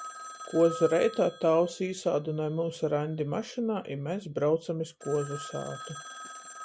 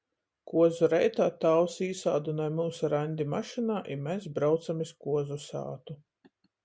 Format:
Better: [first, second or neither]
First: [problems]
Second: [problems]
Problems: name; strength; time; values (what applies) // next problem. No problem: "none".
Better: second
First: background sound (Telephone); 16 dB below the speech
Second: none